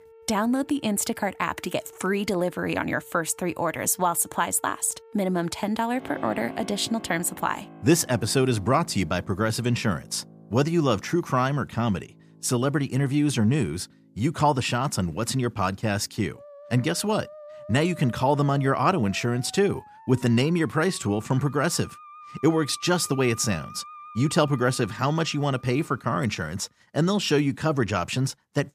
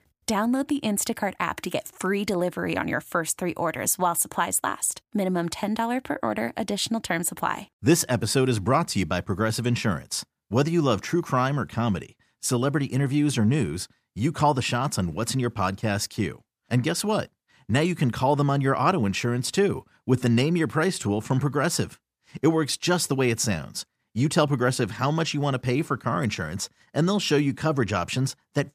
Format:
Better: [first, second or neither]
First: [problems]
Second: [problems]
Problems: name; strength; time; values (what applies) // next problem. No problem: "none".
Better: second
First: background music; faint; throughout; 20 dB below the speech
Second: none